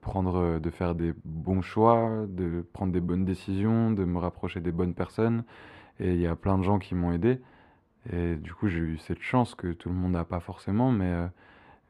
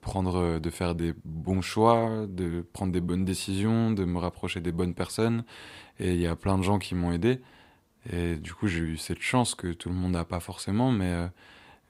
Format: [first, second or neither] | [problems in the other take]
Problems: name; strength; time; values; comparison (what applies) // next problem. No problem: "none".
second | muffled; very; fading above 3 kHz